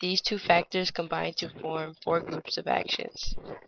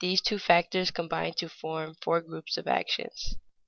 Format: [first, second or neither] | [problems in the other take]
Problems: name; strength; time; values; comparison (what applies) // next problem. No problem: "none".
second | noise reduction (neural mask model Resemble Enhance denoiser)